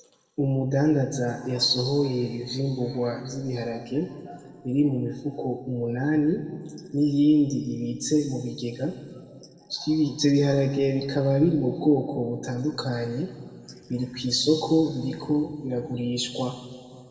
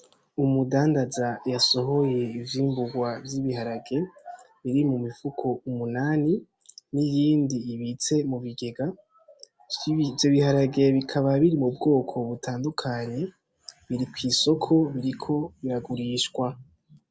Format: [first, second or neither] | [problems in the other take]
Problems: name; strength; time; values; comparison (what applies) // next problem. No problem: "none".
second | room echo; dies away in 1.7 s